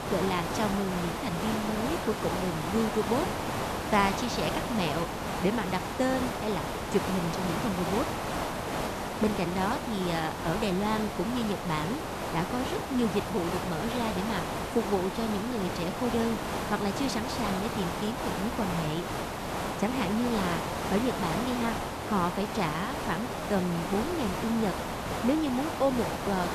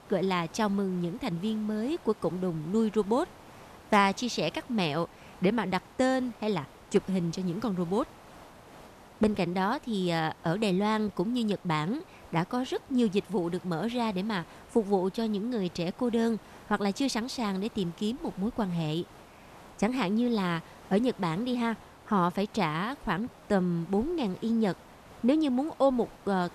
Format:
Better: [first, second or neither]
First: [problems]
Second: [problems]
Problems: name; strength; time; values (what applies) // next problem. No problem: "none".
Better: second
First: hiss; loud; throughout; 2 dB below the speech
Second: hiss; faint; throughout; 20 dB below the speech